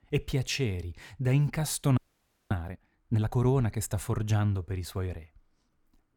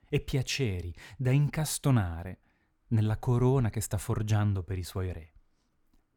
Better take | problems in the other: second | audio freezing; at 2 s for 0.5 s

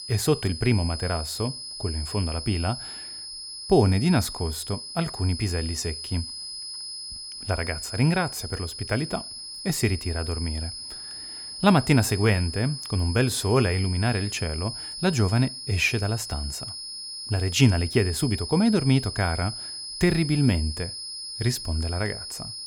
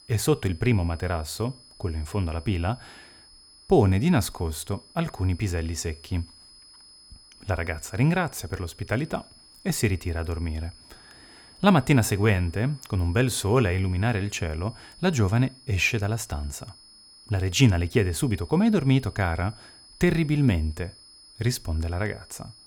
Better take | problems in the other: second | high-pitched whine; loud; throughout; 5 kHz, 8 dB below the speech; faint in the second

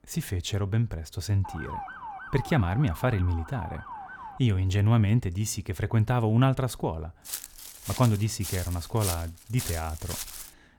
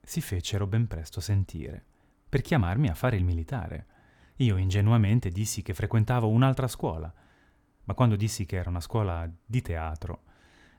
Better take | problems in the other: second | siren; faint; from 1.5 to 4.5 s; peak 10 dB below the speech // footsteps; noticeable; from 7.5 s on; peak 6 dB below the speech

